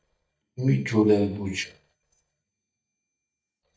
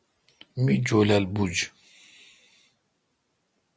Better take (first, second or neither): second